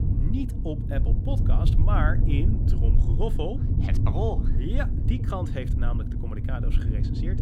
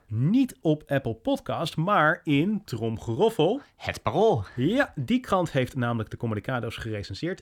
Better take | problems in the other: second | low rumble; loud; throughout; 4 dB below the speech

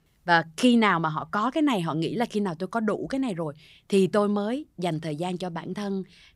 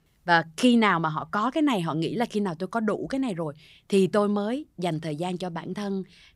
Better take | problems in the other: neither | none

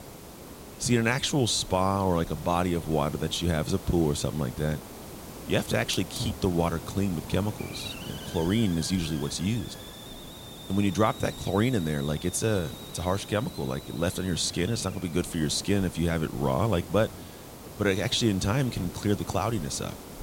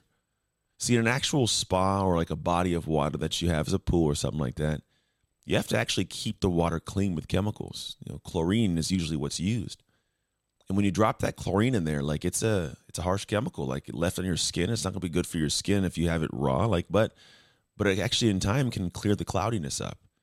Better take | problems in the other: second | hiss; noticeable; throughout; 15 dB below the speech

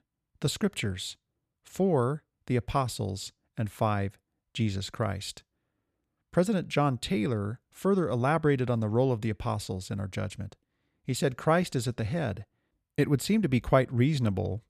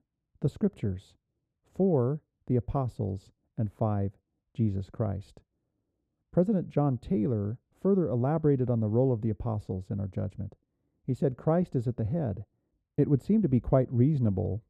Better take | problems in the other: first | muffled; very; fading above 1 kHz

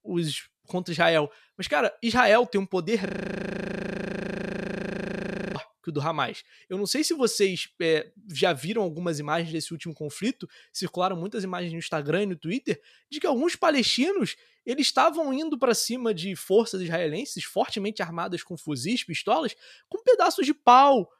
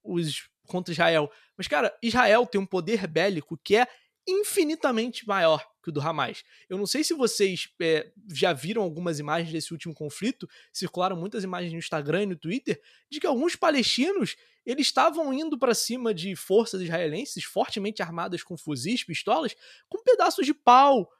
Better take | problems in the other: second | audio freezing; at 3 s for 2.5 s

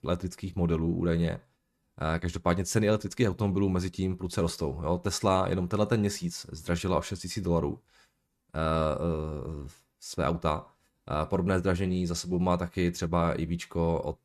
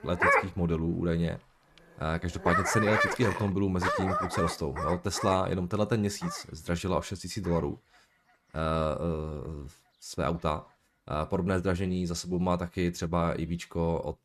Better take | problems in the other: first | animal sounds; very loud; throughout; as loud as the speech

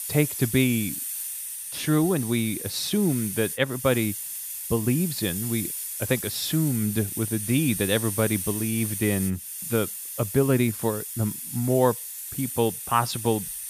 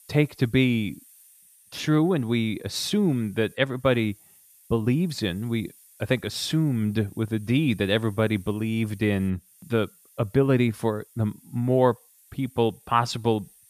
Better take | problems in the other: second | hiss; loud; throughout; 5 dB below the speech; faint in the second

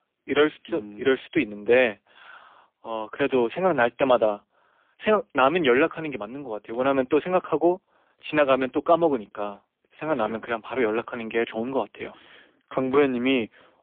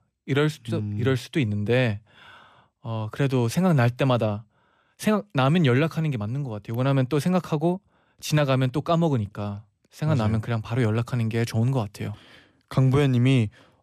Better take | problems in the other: second | phone-call audio; poor line; nothing above 3.5 kHz

